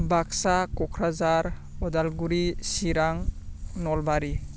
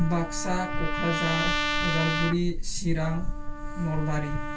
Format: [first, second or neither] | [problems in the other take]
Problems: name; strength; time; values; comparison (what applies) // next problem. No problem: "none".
first | background sound (Trumpet); 5 dB below the speech // room echo; dies away in 0.2 s